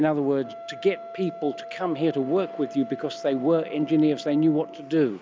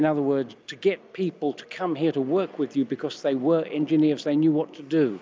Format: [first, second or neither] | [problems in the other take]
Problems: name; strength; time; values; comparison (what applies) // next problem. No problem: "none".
second | background sound (Wind instrument, woodwind instrument); 15 dB below the speech